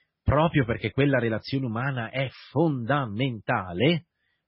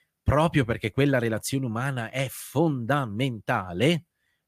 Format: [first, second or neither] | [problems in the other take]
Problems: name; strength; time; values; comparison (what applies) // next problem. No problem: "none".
second | garbled, watery; badly; nothing above 5.5 kHz